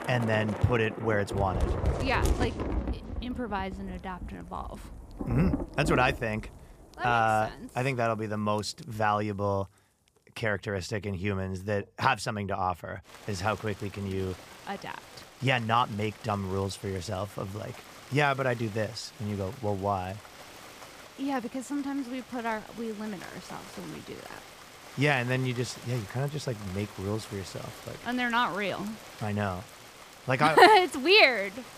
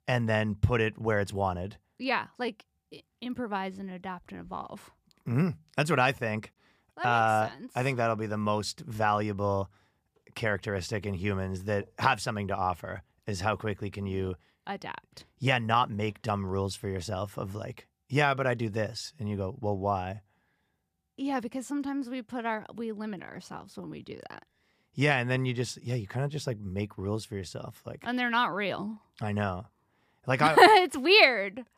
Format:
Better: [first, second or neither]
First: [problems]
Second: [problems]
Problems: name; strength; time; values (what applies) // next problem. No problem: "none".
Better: second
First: rain or running water; noticeable; throughout; 10 dB below the speech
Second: none